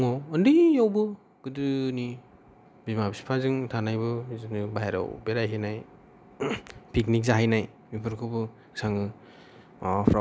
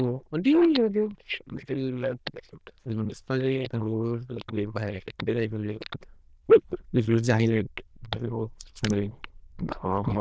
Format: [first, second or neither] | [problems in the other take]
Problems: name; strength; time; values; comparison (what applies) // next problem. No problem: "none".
first | noise reduction (neural diffusion model UNIVERSE++)